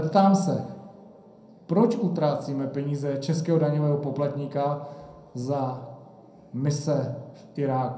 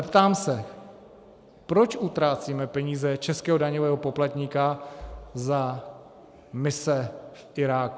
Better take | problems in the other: second | room echo; dies away in 0.6 s

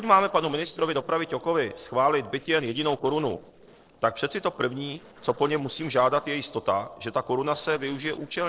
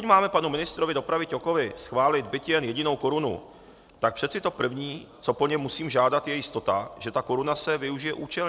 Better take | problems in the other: second | noise reduction (neural separator model SepFormer DNS4)

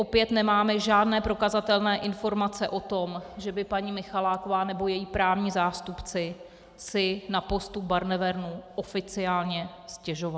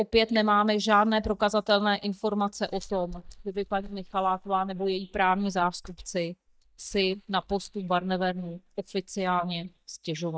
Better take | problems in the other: first | noise reduction (neural mask model DeepFilterNet 3)

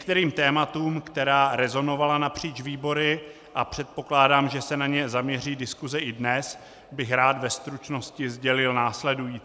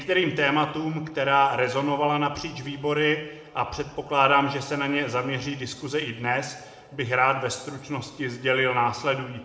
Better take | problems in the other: first | room echo; dies away in 0.7 s

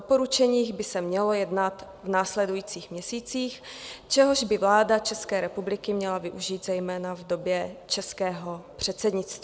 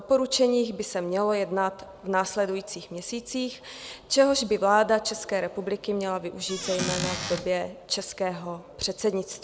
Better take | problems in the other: first | background sound (Squeak / Cupboard open or close); 5 dB below the speech

